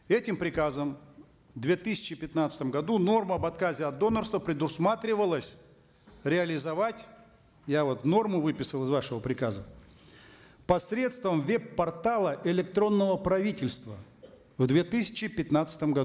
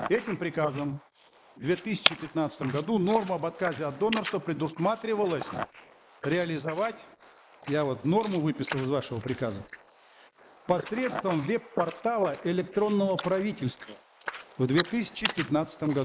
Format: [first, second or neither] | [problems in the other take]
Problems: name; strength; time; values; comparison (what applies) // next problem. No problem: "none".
first | noise reduction (neural mask model Resemble Enhance denoiser)